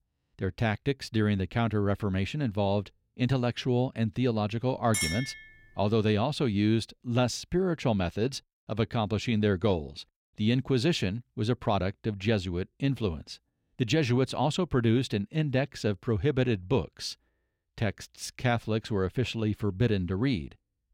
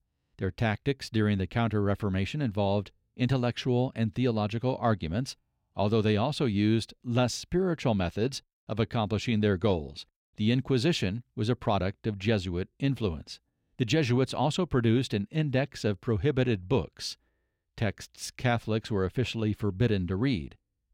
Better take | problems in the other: second | clattering dishes; noticeable; at 5 s; peak 1 dB below the speech

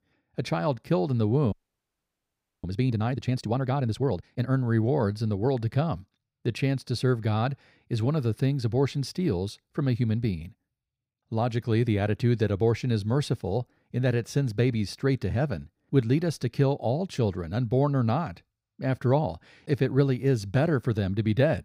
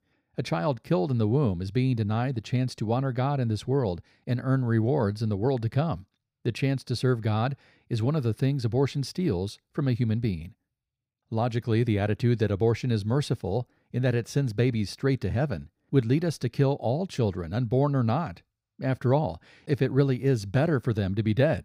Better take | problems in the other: second | audio freezing; at 1.5 s for 1 s

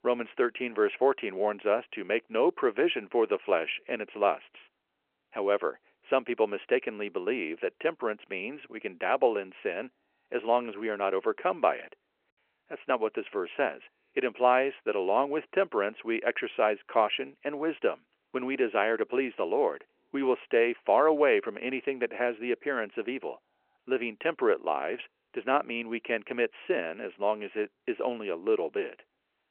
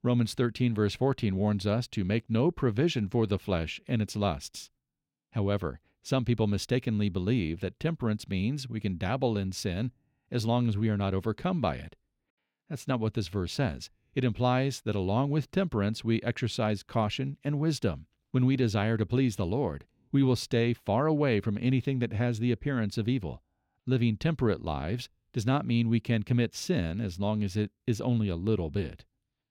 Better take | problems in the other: second | phone-call audio

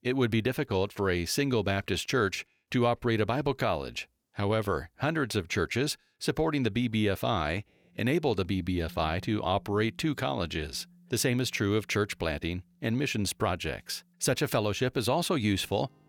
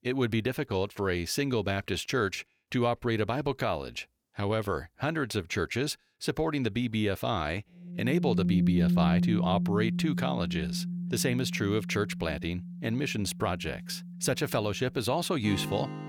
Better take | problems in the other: first | background music; loud; from 8.5 s on; as loud as the speech; faint in the first

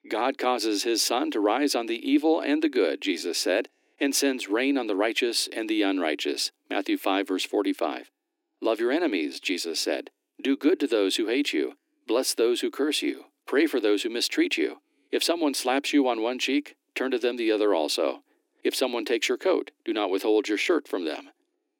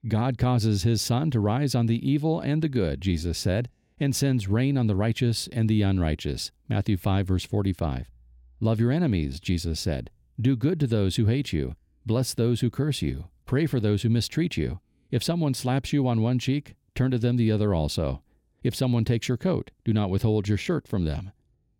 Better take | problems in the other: second | thin; somewhat; fading below 300 Hz

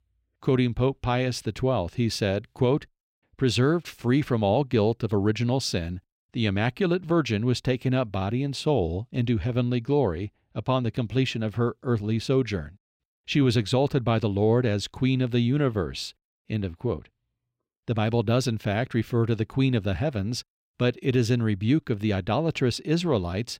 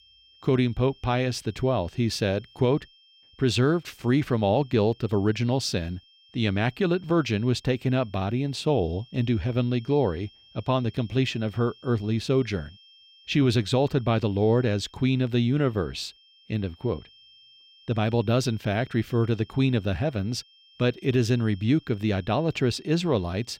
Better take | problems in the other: first | high-pitched whine; faint; throughout; 3 kHz, 25 dB below the speech

